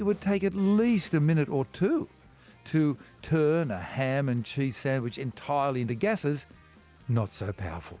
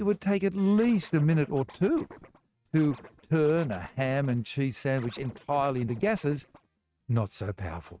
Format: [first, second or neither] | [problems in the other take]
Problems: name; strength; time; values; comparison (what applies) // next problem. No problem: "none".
first | noise reduction (neural mask model RNNoise)